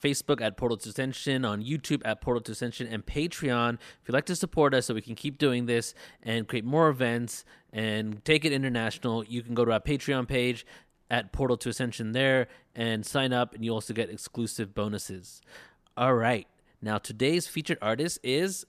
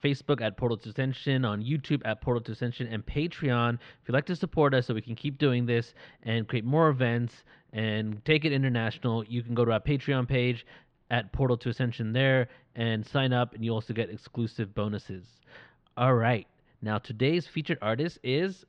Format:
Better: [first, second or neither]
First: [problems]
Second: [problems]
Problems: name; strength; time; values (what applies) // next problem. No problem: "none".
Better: first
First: none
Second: muffled; slightly; fading above 4 kHz